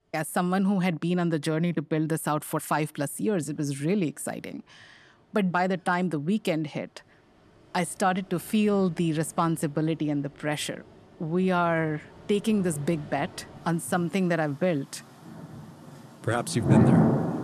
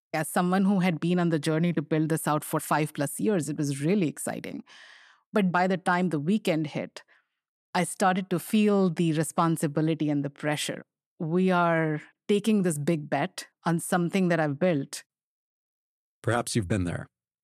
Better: second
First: rain or running water; very loud; throughout; 3 dB above the speech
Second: none

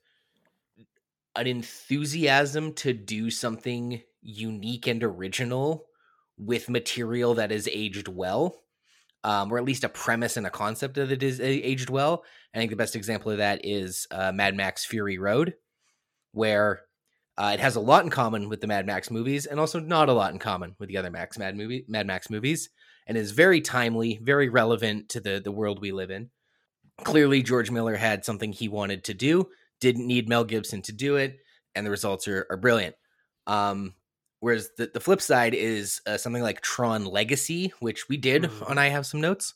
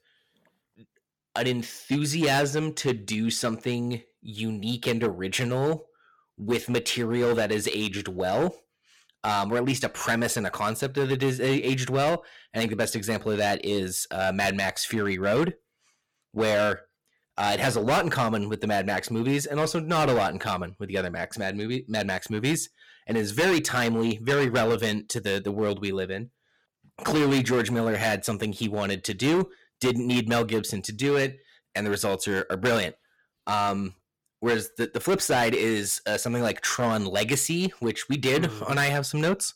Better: first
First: none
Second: distortion; heavy; 8% of the sound clipped

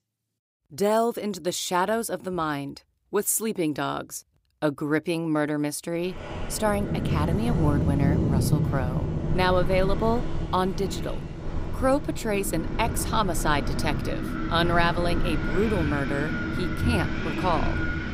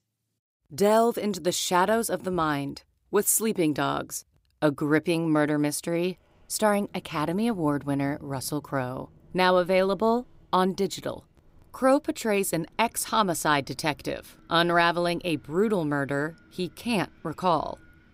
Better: second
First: wind in the background; loud; from 6 s on; 1 dB below the speech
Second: wind in the background; faint; from 6 s on; 30 dB below the speech

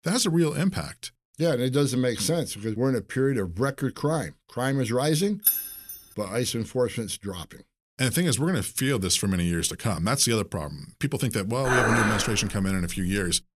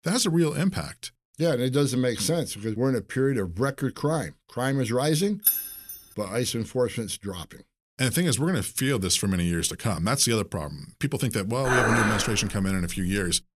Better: neither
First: jangling keys; loud; at 5.5 s; peak 3 dB above the speech // clattering dishes; loud; from 12 s on; peak 4 dB above the speech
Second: jangling keys; loud; at 5.5 s; peak 3 dB above the speech // clattering dishes; loud; from 12 s on; peak 4 dB above the speech

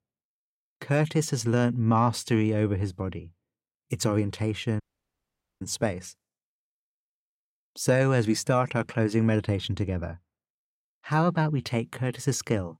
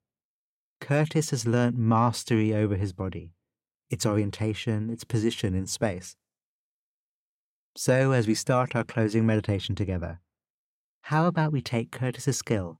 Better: second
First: audio cutting out; at 5 s for 1 s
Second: none

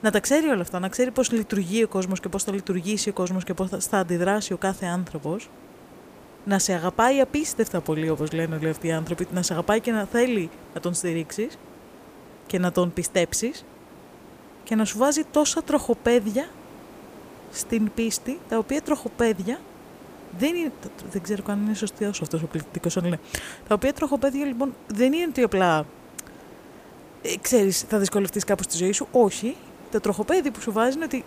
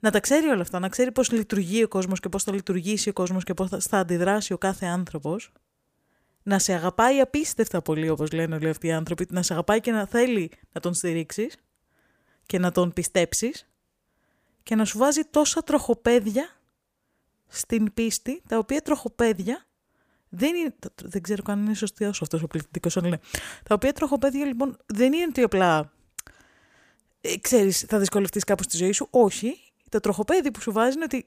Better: second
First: hiss; faint; throughout; 20 dB below the speech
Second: none

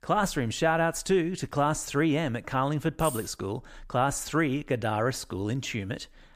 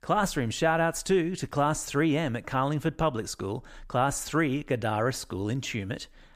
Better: second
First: jangling keys; noticeable; at 3 s; peak 9 dB below the speech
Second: none

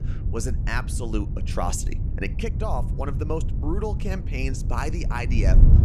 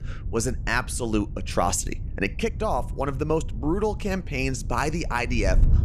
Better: second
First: wind noise on the microphone; heavy; 10 dB below the speech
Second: wind noise on the microphone; occasional gusts; 20 dB below the speech

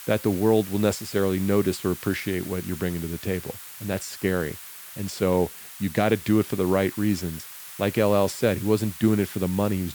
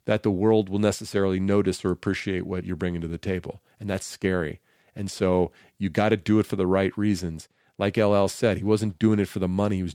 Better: second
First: hiss; noticeable; throughout; 15 dB below the speech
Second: none

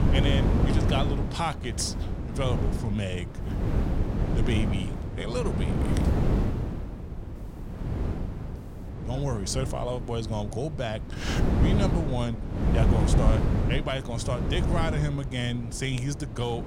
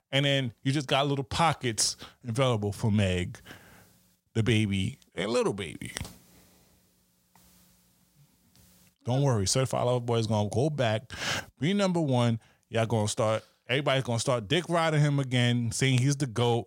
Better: second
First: wind noise on the microphone; heavy; 3 dB below the speech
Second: none

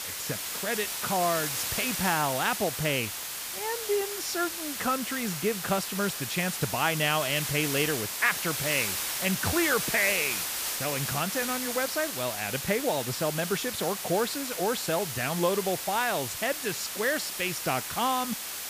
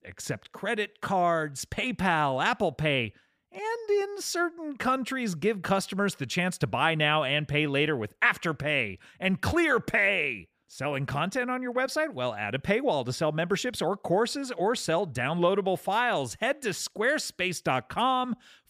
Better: second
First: hiss; loud; throughout; 2 dB below the speech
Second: none

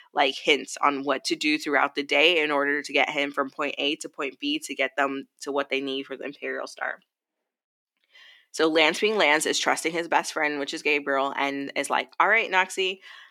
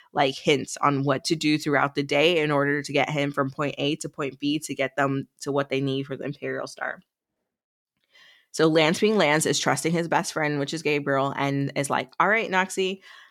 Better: second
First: thin; very slightly; fading below 250 Hz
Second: none

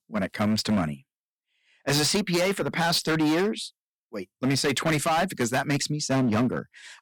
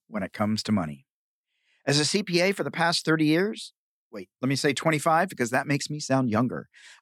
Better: second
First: distortion; heavy; 14% of the sound clipped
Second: none

